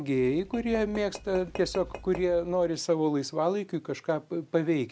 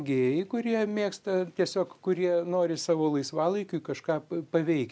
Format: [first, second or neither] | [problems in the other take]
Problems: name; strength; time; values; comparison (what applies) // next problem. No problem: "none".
second | background sound (Tap / Glass); 15 dB below the speech